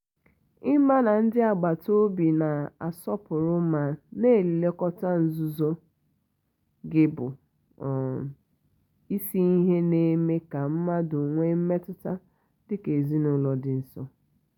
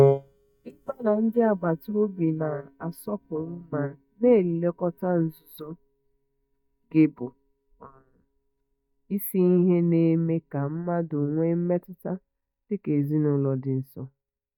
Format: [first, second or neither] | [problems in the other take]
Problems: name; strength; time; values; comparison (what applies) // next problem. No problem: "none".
first | noise reduction (neural mask model DeepFilterNet 3)